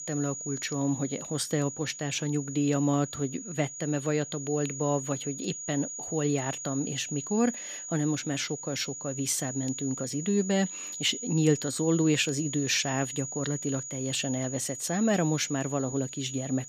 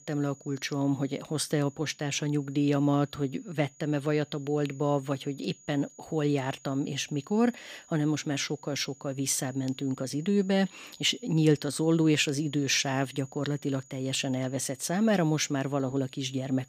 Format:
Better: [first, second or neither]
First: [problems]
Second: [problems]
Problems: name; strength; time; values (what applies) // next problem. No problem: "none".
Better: second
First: high-pitched whine; loud; throughout; 7 kHz, 7 dB below the speech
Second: high-pitched whine; faint; throughout; 7 kHz, 25 dB below the speech